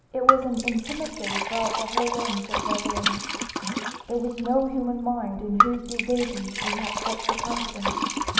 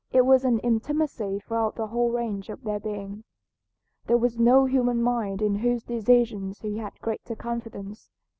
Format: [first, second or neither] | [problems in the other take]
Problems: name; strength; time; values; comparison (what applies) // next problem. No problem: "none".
second | background sound (Liquid); 1 dB above the speech // room echo; dies away in 1.2 s